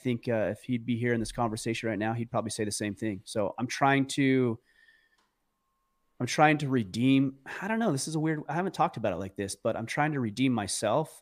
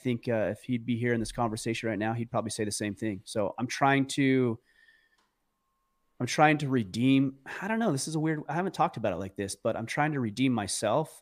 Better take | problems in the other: neither | none

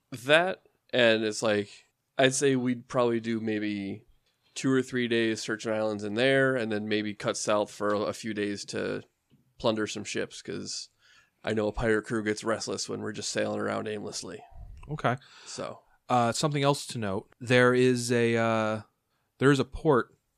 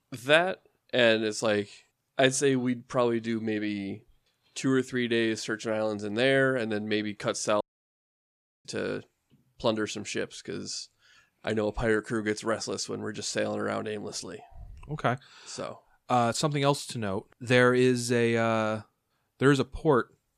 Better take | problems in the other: first | audio cutting out; at 7.5 s for 1 s

